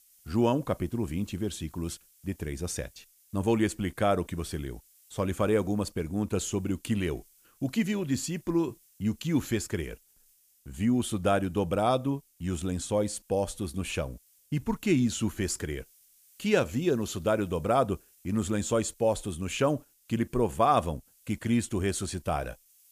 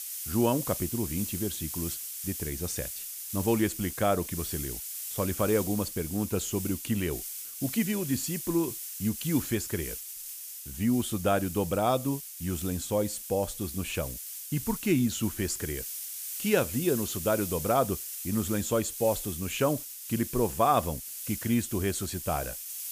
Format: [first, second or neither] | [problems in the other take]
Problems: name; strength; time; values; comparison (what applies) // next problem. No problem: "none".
first | hiss; loud; throughout; 6 dB below the speech; faint in the first